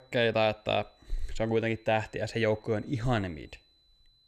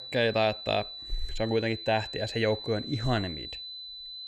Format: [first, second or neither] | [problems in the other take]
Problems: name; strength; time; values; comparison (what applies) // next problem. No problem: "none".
first | high-pitched whine; loud; throughout; 4 kHz, 9 dB below the speech; faint in the first